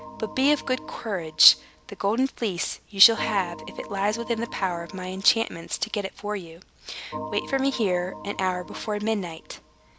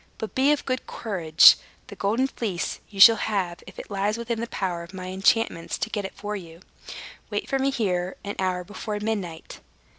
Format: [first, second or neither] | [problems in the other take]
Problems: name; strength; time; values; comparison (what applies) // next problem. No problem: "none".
second | background sound (Organ); 15 dB below the speech